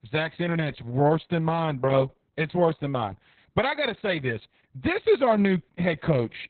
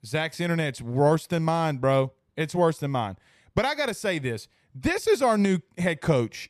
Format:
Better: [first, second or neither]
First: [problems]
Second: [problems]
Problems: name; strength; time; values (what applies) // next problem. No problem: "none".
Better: second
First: garbled, watery; badly; nothing above 4 kHz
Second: none